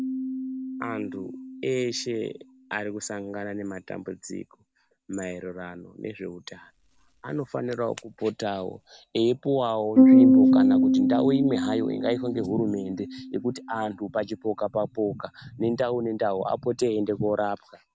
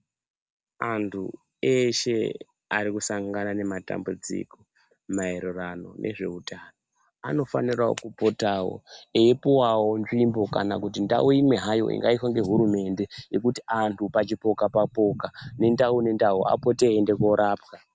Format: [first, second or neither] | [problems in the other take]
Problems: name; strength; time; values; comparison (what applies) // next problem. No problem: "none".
second | background sound (Piano); 2 dB above the speech